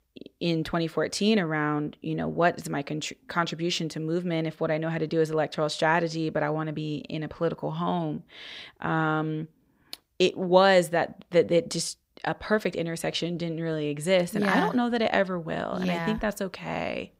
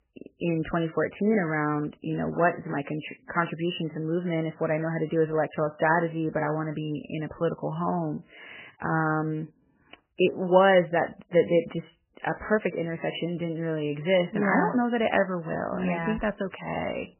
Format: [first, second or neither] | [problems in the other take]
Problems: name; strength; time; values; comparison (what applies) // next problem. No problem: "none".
first | garbled, watery; badly; nothing above 3 kHz